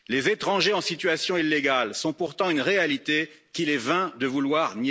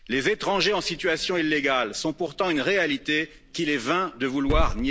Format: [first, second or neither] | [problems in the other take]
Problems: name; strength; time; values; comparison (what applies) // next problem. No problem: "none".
first | background sound (Growling / Hiss); 9 dB below the speech